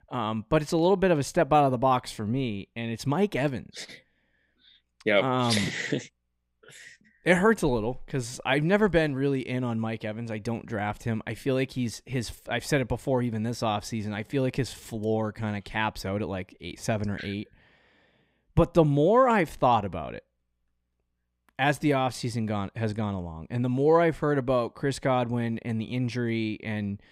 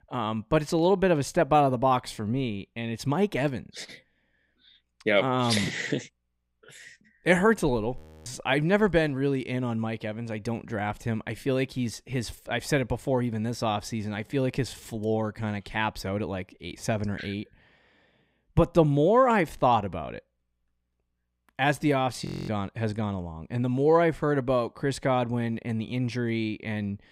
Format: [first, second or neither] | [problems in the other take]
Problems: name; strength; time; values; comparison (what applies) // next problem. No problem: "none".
first | audio freezing; at 8 s and at 22 s